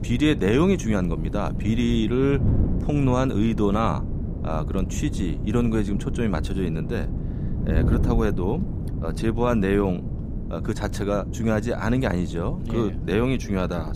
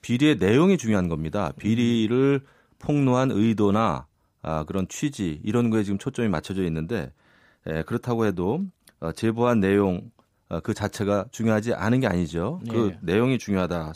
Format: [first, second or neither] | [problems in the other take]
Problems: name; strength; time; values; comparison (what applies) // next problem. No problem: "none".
second | wind noise on the microphone; occasional gusts; 10 dB below the speech